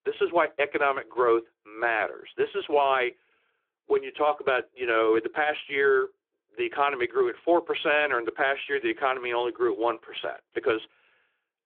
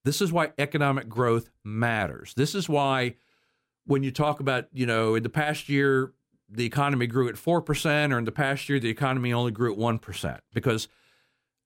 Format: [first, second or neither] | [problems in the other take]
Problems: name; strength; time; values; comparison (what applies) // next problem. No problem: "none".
second | phone-call audio; nothing above 3.5 kHz